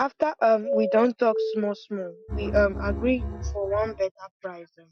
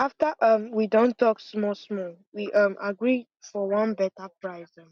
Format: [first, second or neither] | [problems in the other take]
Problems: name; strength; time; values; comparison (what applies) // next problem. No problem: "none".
second | noise reduction (classical method Wiener filter)